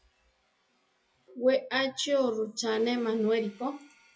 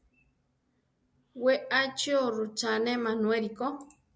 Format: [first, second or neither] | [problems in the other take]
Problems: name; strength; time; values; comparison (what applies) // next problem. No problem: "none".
second | noise reduction (classical method WPE with log-MMSE)